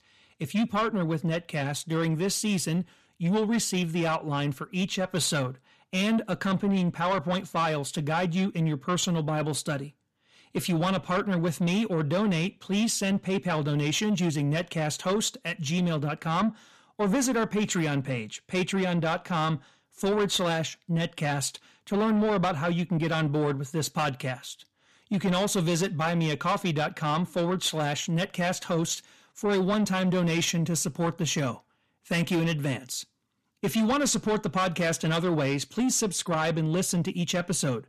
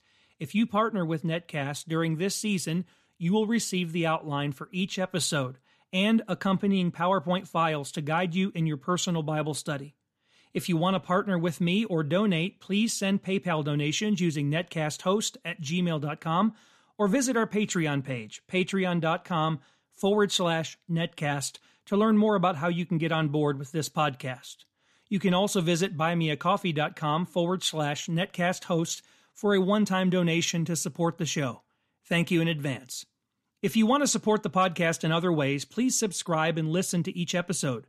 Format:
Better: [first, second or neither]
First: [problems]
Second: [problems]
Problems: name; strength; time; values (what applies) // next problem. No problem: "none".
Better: second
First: distortion; slight; 10 dB below the speech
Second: none